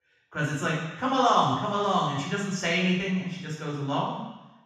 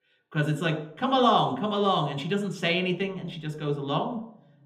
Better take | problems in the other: second | room echo; strong; dies away in 1.1 s; slight in the second // off-mic speech; far; somewhat distant in the second

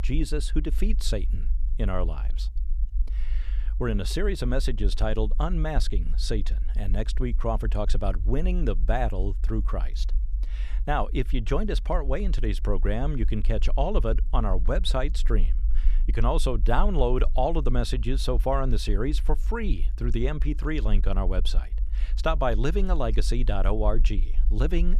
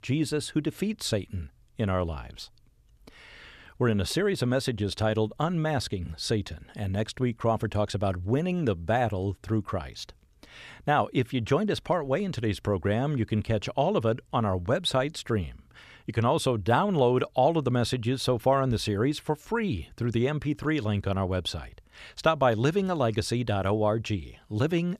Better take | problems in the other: second | low rumble; faint; throughout; 20 dB below the speech

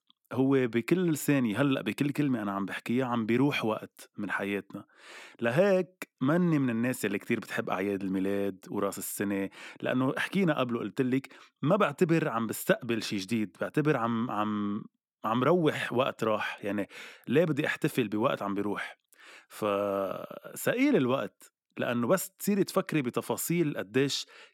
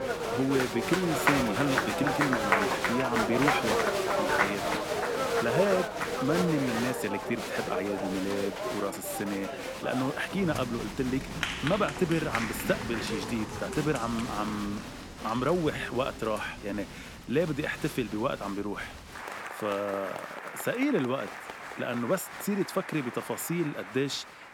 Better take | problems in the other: first | crowd noise; loud; throughout; 1 dB below the speech

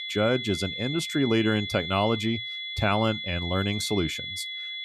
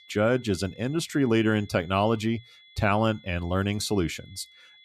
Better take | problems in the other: second | high-pitched whine; loud; throughout; 3.5 kHz, 5 dB below the speech; faint in the second

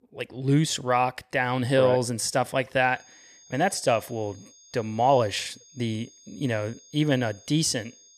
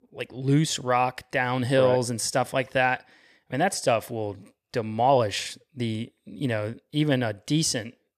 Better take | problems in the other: second | high-pitched whine; faint; from 3 s on; 6.5 kHz, 25 dB below the speech

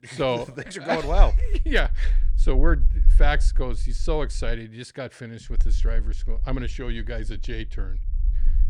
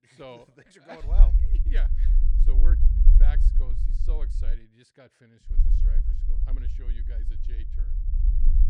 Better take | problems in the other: first | low rumble; loud; from 1 to 4.5 s and from 5.5 s on; 2 dB below the speech; faint in the first

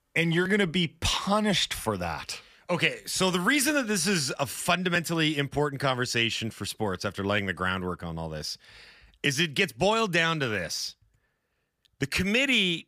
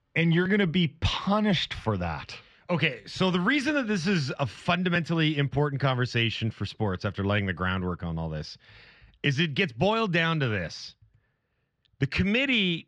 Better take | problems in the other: first | muffled; very slightly; fading above 4 kHz

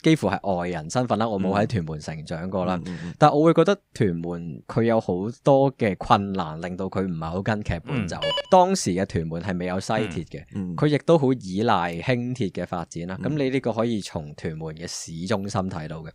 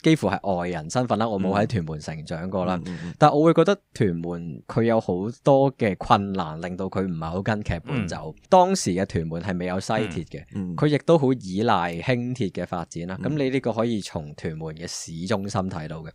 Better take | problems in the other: second | phone ringing; noticeable; at 8 s; peak 2 dB below the speech

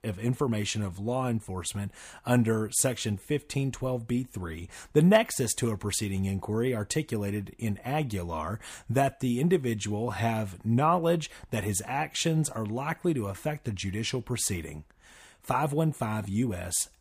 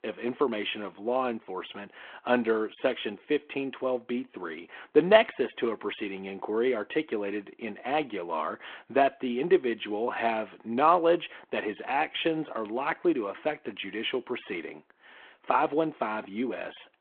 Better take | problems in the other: first | phone-call audio

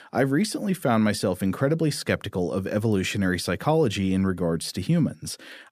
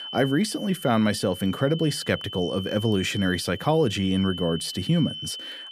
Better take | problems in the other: first | high-pitched whine; noticeable; throughout; 3 kHz, 10 dB below the speech

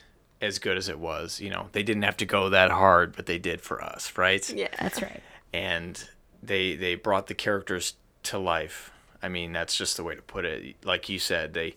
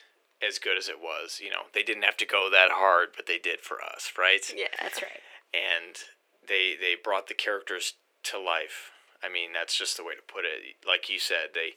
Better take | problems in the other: first | thin; very; fading below 350 Hz

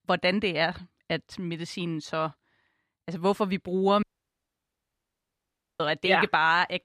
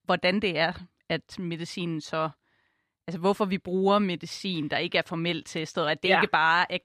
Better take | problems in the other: second | audio cutting out; at 4 s for 2 s

